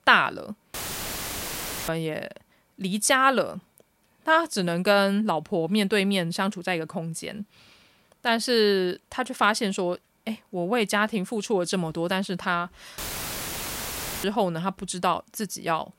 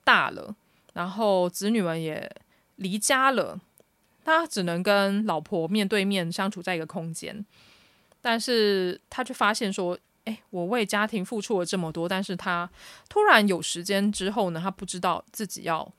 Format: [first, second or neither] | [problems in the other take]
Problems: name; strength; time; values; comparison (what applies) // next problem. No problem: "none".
second | audio cutting out; filled with static; at 0.5 s for 1 s and at 13 s for 1.5 s